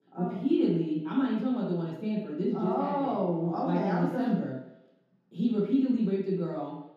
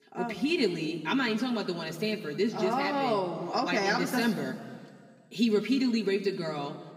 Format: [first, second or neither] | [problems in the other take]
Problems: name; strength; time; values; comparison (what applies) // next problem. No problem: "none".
second | room echo; strong; dies away in 0.8 s; slight in the second // off-mic speech; far; somewhat distant in the second